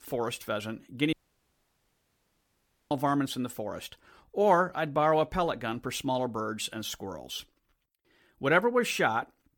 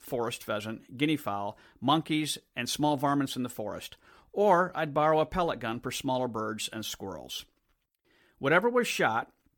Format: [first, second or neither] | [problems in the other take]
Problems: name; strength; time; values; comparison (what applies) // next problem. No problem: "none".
second | audio cutting out; at 1 s for 2 s